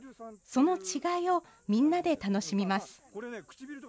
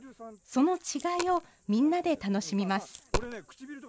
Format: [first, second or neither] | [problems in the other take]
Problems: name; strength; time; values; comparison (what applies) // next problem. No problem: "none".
first | noise reduction (neural mask model Resemble Enhance denoiser)